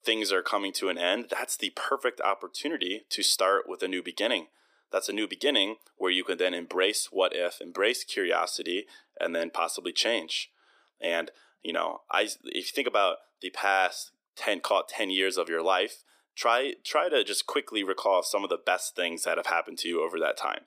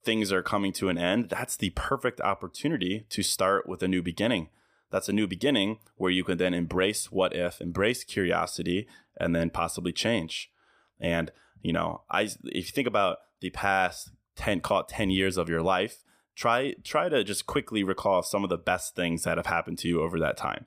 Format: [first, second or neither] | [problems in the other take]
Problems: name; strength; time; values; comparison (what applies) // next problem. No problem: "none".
second | thin; somewhat; fading below 300 Hz